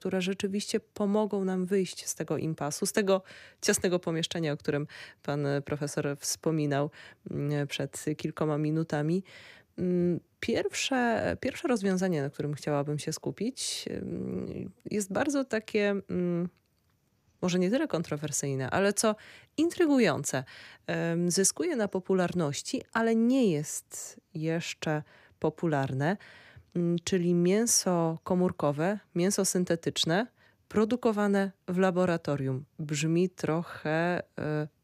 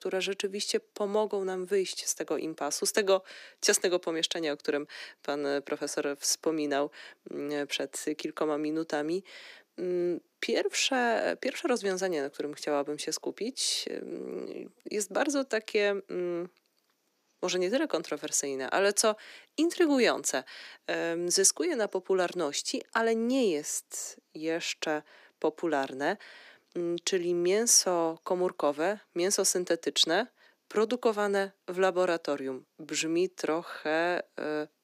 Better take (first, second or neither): first